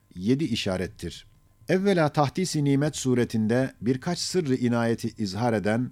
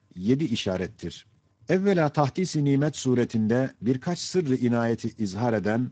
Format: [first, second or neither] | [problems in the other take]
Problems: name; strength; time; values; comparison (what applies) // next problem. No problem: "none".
first | garbled, watery; slightly; nothing above 7.5 kHz